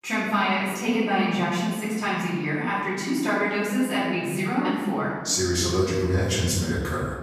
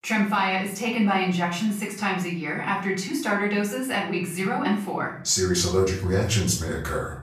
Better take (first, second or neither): second